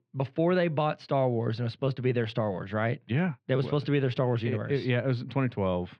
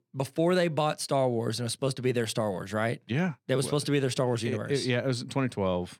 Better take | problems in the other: second | muffled; slightly; fading above 3.5 kHz

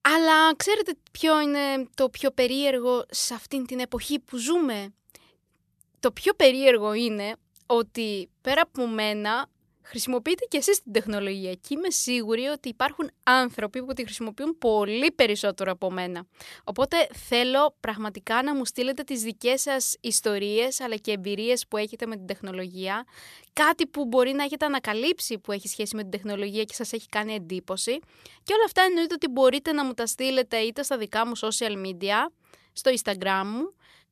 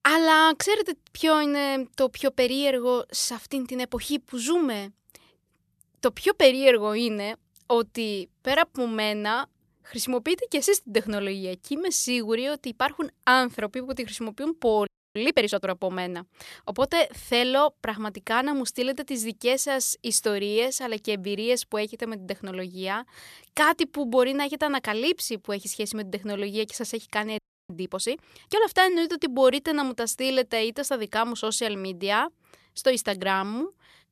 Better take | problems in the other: first | audio freezing; at 15 s and at 27 s

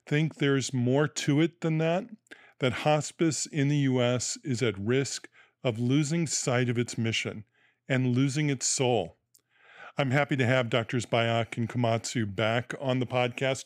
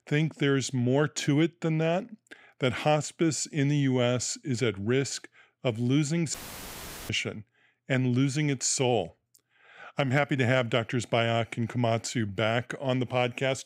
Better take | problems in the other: first | audio cutting out; filled with static; at 6.5 s for 1 s

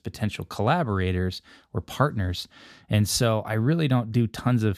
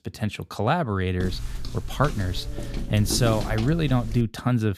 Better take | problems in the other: first | footsteps; noticeable; from 1 to 4.5 s; peak 3 dB below the speech

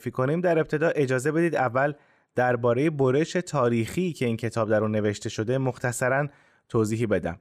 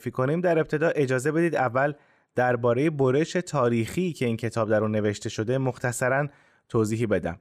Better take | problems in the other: neither | none

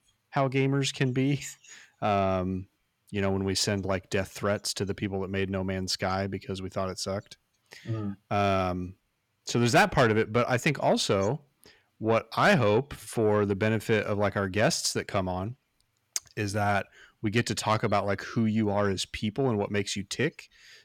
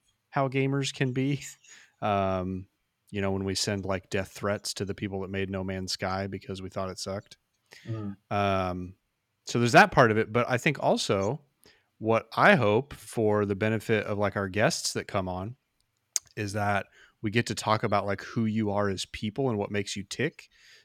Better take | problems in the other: second | distortion; slight; 10 dB below the speech

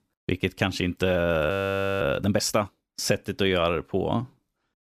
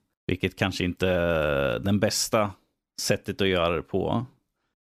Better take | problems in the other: second | audio freezing; at 1.5 s for 0.5 s

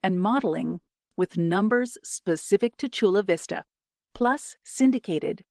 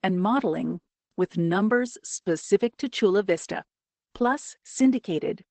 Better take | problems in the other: first | garbled, watery; badly; nothing above 8 kHz; slightly in the first

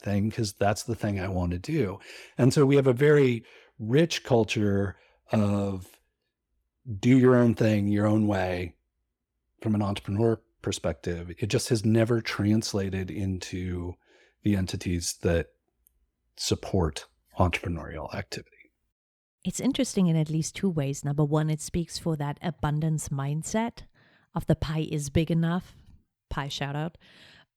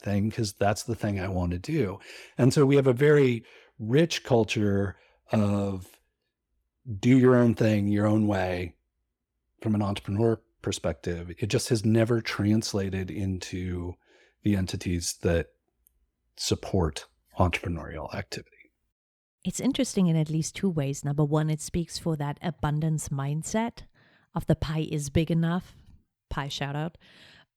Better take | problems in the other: neither | none

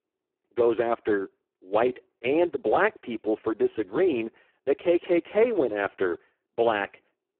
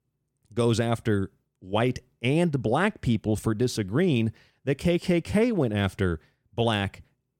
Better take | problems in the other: second | phone-call audio; poor line

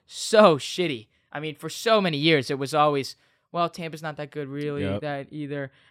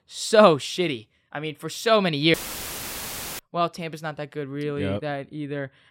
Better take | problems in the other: first | audio cutting out; filled with static; at 2.5 s for 1 s

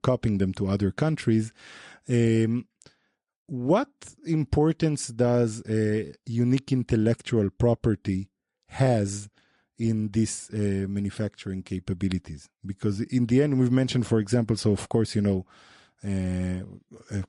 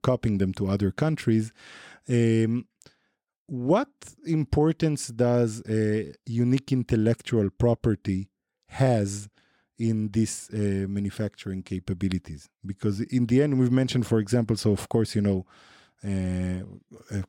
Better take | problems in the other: second | garbled, watery; slightly; nothing above 10.5 kHz

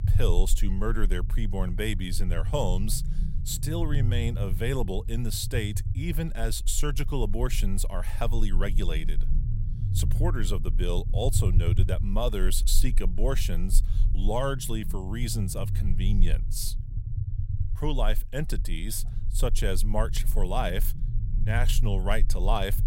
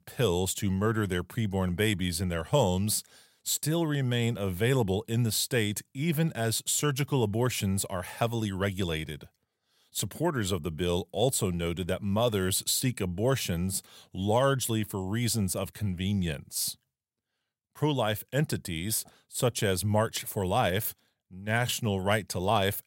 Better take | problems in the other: second | low rumble; noticeable; throughout; 15 dB below the speech

